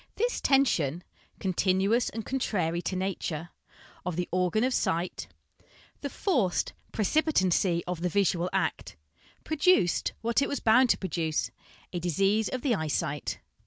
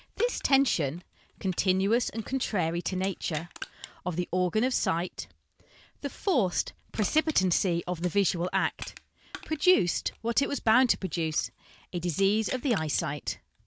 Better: first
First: none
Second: background sound (Crushing); 19 dB below the speech

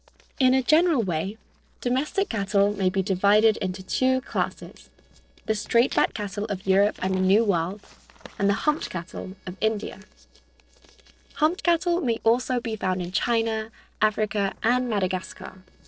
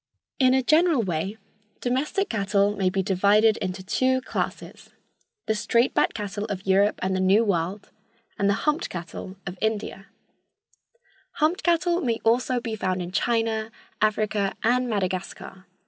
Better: second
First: noise reduction (neural separator model SepFormer DNS4)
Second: none

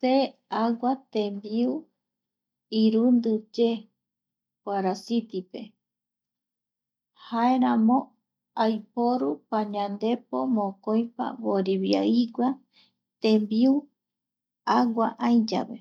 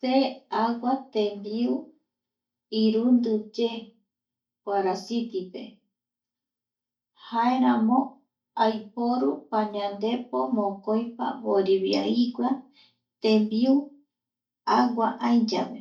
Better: first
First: none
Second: room echo; dies away in 0.3 s

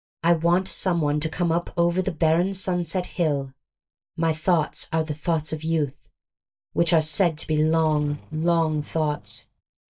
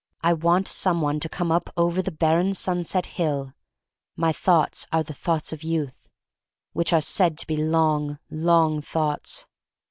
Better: second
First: noise reduction (neural mask model DeepFilterNet 3)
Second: none

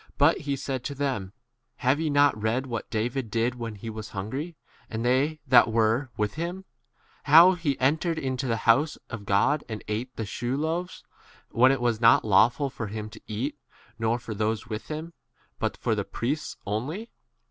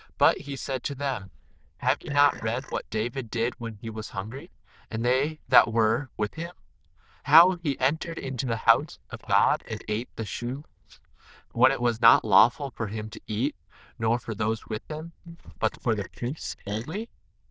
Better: first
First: none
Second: noise reduction (neural diffusion model UNIVERSE++)

